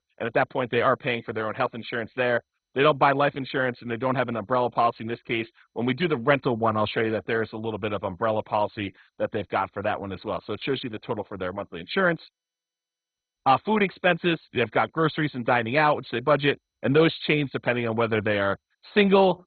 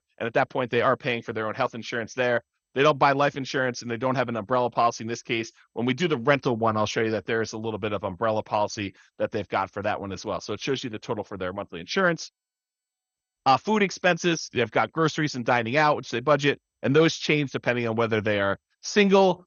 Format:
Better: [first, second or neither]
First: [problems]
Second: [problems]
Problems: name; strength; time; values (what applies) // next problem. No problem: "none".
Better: second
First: garbled, watery; badly; nothing above 4 kHz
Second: garbled, watery; slightly; nothing above 6.5 kHz